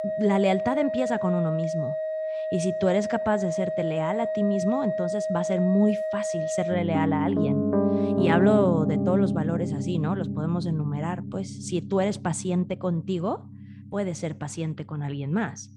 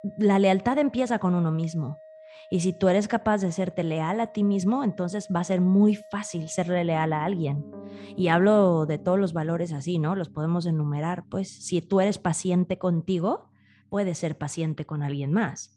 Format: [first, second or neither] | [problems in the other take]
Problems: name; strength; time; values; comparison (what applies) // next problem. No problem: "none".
second | background music; loud; throughout; 1 dB below the speech; faint in the second